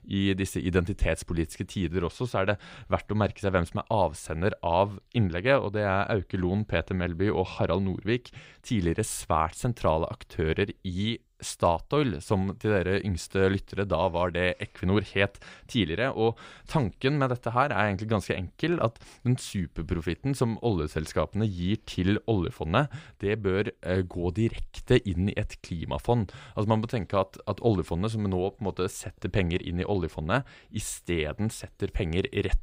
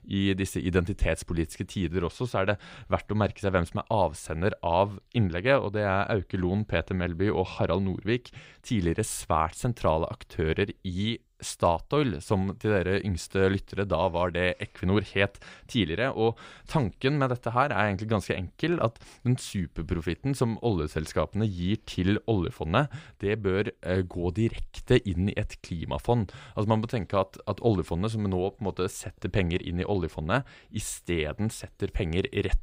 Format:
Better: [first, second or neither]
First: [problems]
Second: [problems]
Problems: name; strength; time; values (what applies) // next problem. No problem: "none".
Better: neither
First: none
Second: none